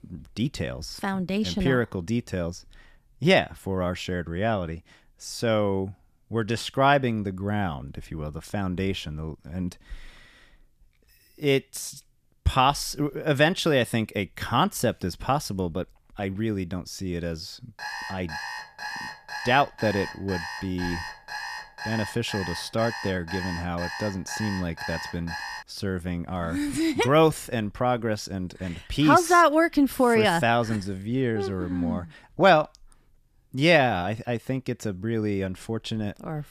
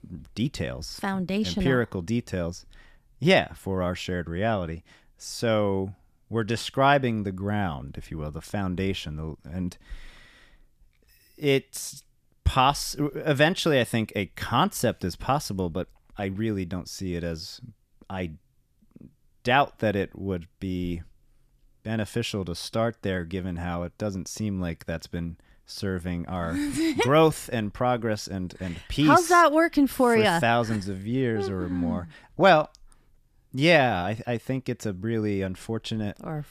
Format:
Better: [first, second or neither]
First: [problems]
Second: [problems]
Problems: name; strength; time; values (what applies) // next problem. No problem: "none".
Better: second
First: alarm; noticeable; from 18 to 26 s; peak 8 dB below the speech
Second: none